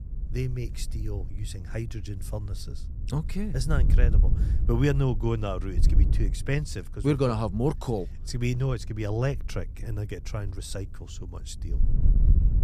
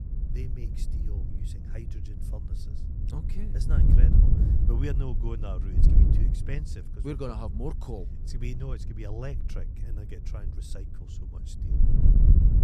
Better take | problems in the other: first | wind noise on the microphone; heavy; as loud as the speech; occasional gusts in the first

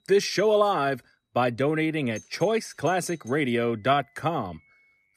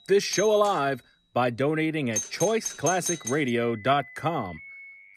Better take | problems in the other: first | alarms or sirens; loud; throughout; 8 dB below the speech; faint in the first

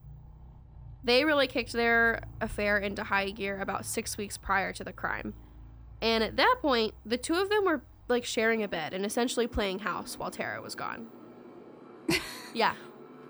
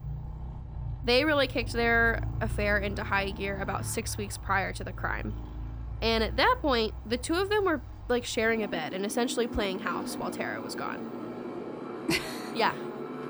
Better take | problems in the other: first | traffic noise; loud; throughout; 10 dB below the speech; faint in the first

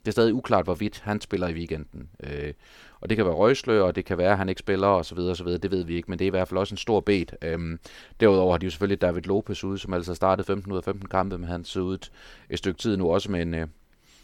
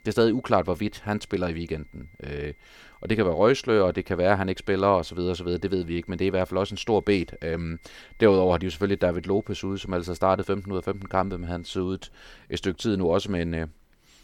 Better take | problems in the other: first | high-pitched whine; faint; until 12 s; 2 kHz, 30 dB below the speech

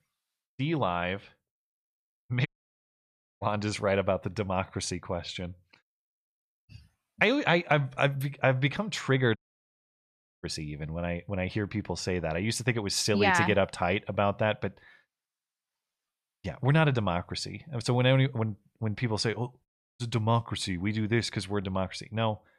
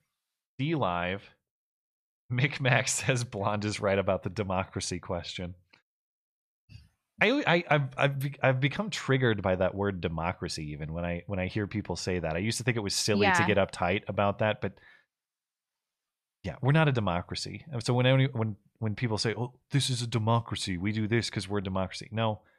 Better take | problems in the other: second | audio cutting out; at 2.5 s for 1 s, at 9.5 s for 1 s and at 20 s

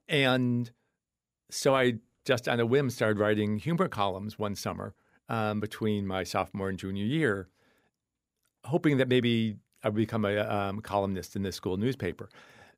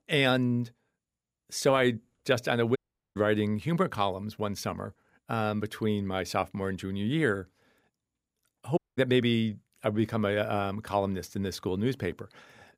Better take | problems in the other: first | audio cutting out; at 3 s and at 9 s

